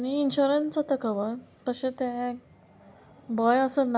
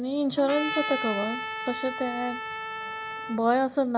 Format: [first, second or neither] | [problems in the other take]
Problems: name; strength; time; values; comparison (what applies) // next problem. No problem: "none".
first | background sound (Trumpet); 6 dB below the speech